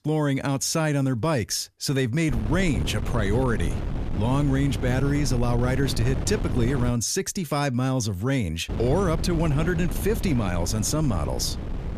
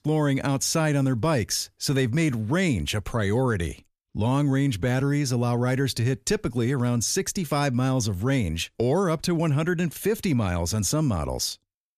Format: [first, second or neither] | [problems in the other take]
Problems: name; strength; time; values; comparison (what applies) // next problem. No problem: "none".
second | wind noise on the microphone; occasional gusts; from 2.5 to 7 s and from 8.5 s on; 10 dB below the speech